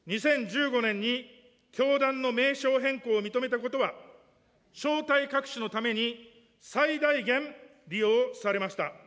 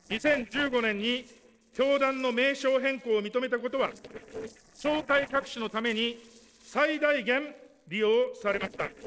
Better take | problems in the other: first | noise reduction (neural separator model SepFormer DNS4)

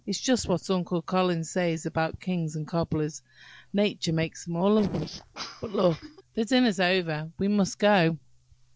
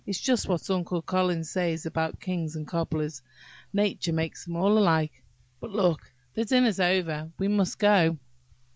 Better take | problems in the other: second | noise reduction (neural separator model SepFormer DNS4)

